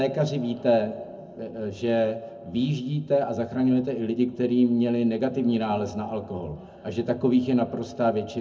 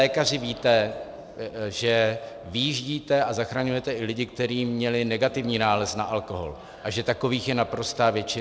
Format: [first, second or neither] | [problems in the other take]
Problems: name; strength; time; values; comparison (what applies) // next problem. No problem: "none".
second | room echo; dies away in 0.3 s